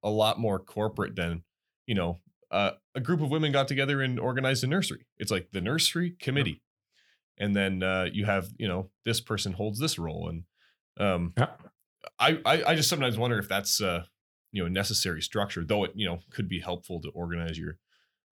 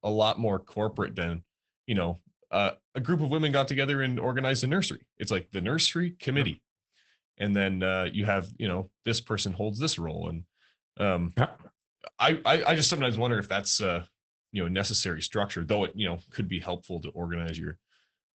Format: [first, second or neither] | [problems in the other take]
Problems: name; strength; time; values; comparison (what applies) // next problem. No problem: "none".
first | garbled, watery; badly; nothing above 8 kHz